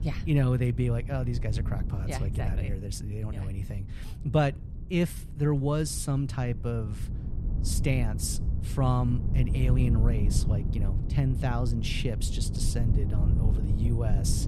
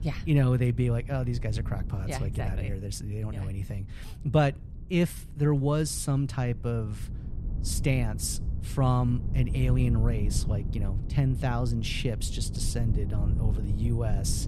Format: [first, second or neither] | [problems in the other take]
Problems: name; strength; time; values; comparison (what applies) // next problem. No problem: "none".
second | wind noise on the microphone; heavy; 10 dB below the speech; occasional gusts in the second